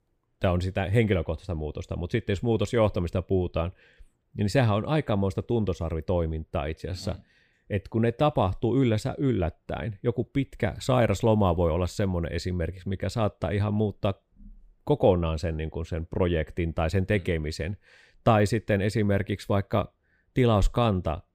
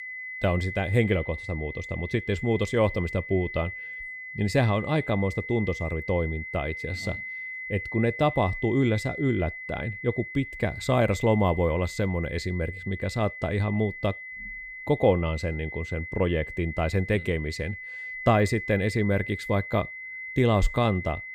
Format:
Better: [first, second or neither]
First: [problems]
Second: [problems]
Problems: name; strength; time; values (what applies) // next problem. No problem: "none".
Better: first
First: none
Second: high-pitched whine; loud; throughout; 2 kHz, 9 dB below the speech